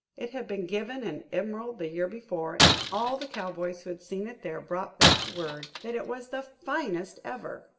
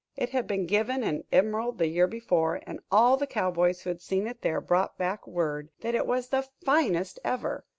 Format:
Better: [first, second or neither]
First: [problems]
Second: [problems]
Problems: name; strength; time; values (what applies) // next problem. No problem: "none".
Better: second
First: background sound (Shatter); 5 dB above the speech // room echo; dies away in 0.7 s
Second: none